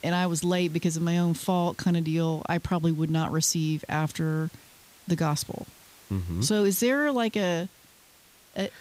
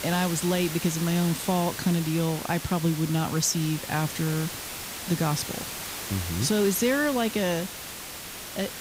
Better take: first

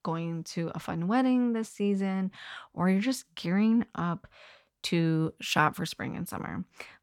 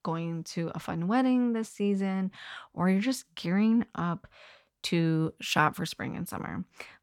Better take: neither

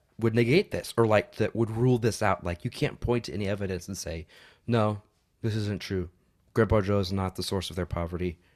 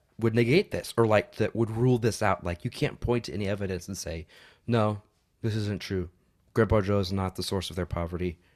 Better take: neither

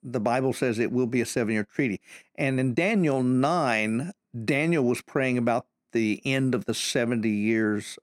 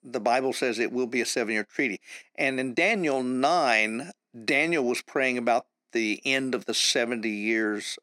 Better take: first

